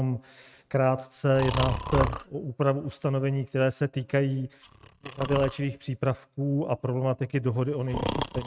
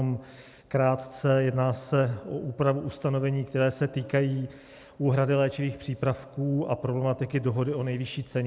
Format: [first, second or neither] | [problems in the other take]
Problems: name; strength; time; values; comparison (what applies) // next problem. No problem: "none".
second | noise reduction (neural mask model RNNoise)